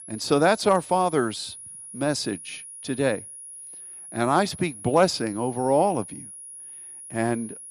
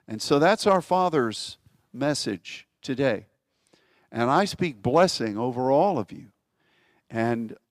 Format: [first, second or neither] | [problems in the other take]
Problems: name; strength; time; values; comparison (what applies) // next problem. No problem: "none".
second | high-pitched whine; noticeable; throughout; 10.5 kHz, 15 dB below the speech